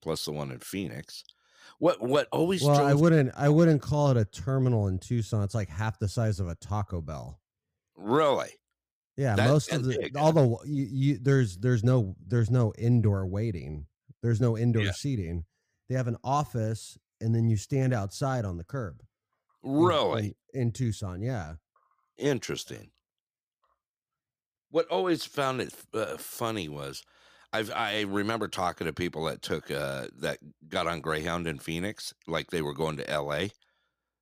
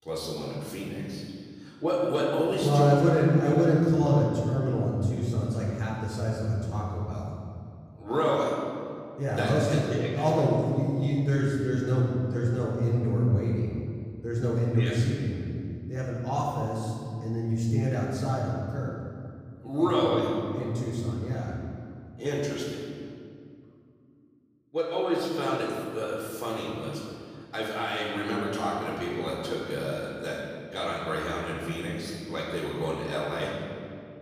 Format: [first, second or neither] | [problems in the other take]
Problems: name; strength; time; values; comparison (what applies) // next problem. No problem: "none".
first | off-mic speech; far // room echo; noticeable; dies away in 2.1 s